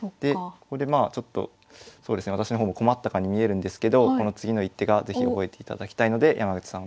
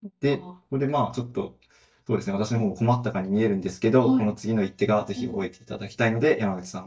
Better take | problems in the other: first | noise reduction (neural mask model DeepFilterNet 3)

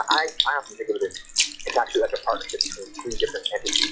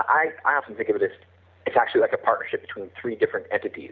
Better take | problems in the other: second | noise reduction (classical method log-MMSE)

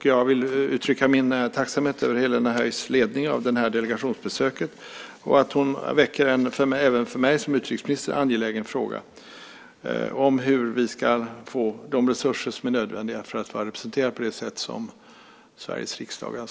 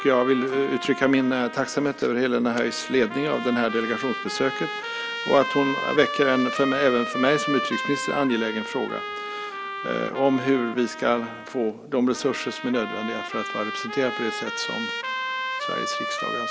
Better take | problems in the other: first | background sound (Trumpet); 7 dB below the speech

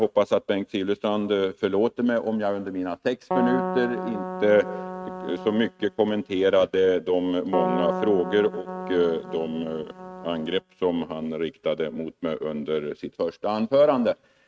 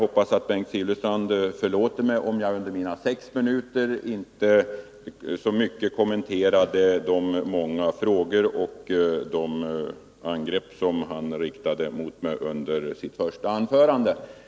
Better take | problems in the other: second | noise reduction (neural mask model RNNoise)

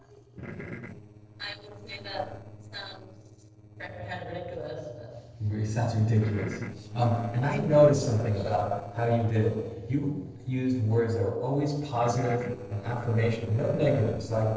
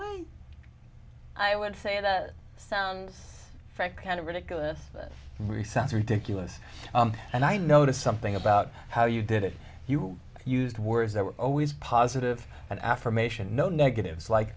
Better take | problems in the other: second | noise reduction (neural separator model SepFormer DNS4)

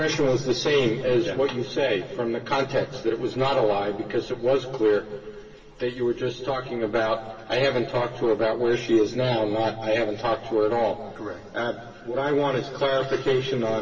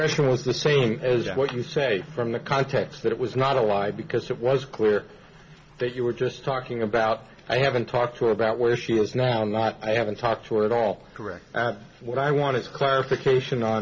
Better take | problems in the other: second | room echo; dies away in 1.7 s

